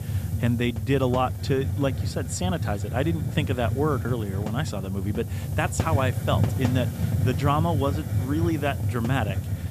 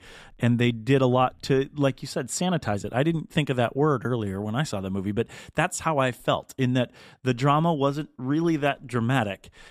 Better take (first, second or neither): second